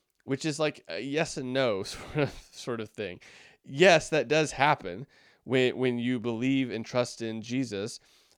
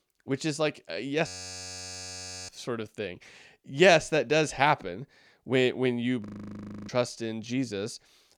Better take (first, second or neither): first